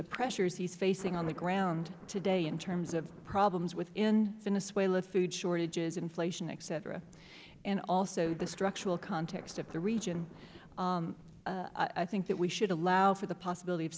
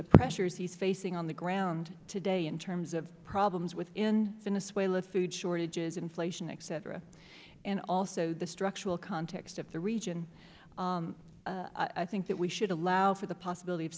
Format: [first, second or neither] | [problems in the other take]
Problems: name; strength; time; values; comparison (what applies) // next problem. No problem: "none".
second | noise reduction (neural mask model Resemble Enhance denoiser)